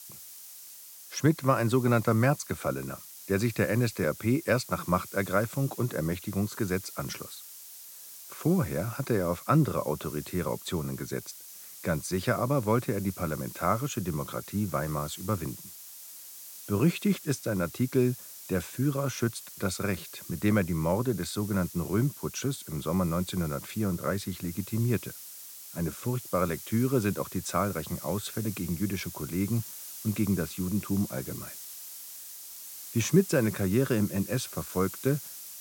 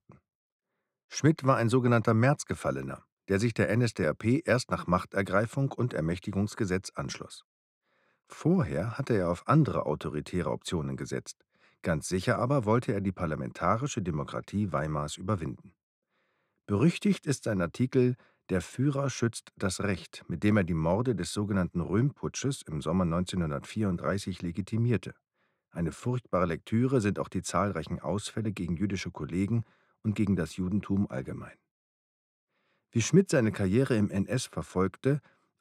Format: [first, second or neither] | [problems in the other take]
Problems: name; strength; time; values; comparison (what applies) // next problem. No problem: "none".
second | hiss; noticeable; throughout; 10 dB below the speech